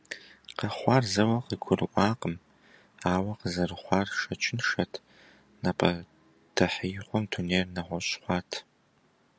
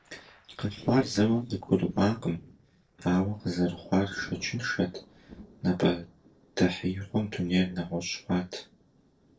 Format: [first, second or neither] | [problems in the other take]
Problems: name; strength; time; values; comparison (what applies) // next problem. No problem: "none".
first | noise reduction (neural separator model SepFormer DNS4)